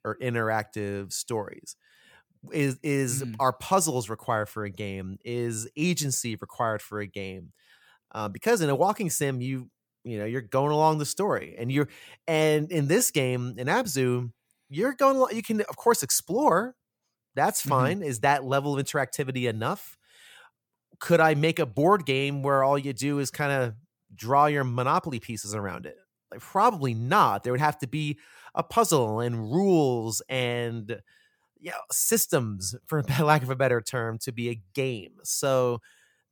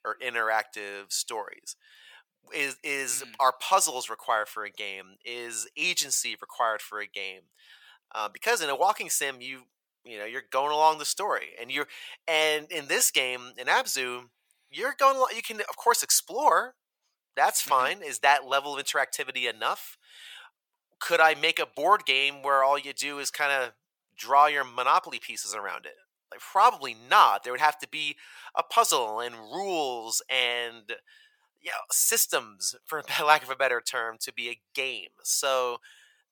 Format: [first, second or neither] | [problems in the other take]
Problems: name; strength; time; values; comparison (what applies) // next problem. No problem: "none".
first | thin; very; fading below 800 Hz